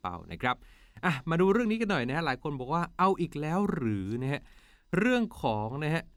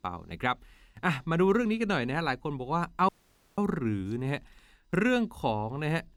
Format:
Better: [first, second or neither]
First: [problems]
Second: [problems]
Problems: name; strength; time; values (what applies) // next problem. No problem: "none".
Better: first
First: none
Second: audio cutting out; at 3 s